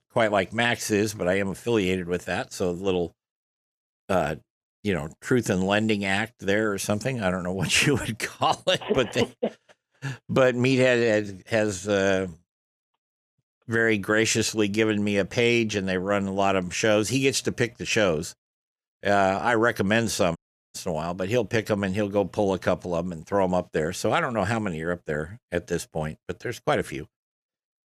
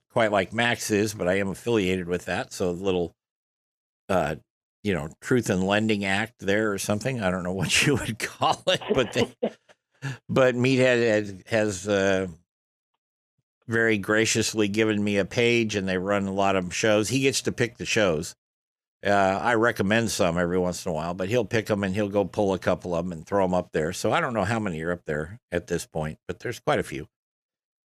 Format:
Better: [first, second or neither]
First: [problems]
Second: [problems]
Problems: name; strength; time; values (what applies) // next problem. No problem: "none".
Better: second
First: audio cutting out; at 20 s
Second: none